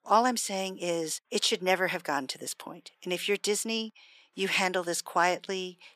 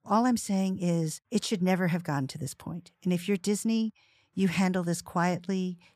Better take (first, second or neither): second